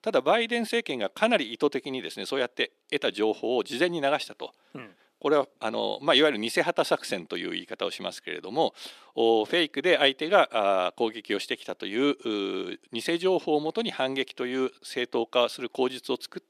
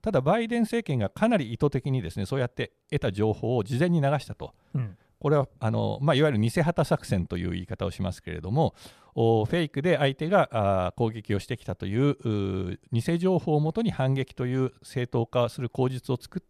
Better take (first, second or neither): second